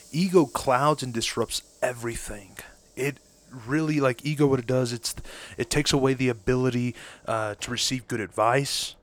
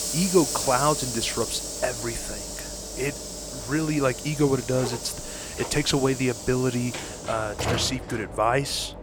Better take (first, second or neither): first